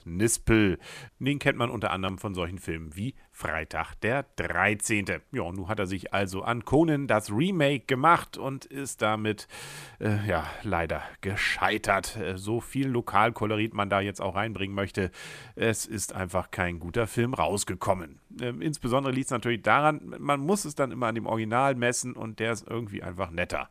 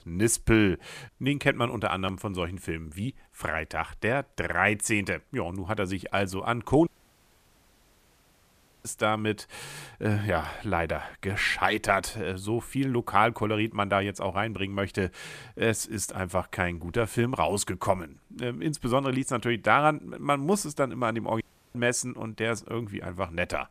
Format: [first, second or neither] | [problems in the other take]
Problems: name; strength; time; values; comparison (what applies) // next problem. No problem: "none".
first | audio cutting out; at 7 s for 2 s and at 21 s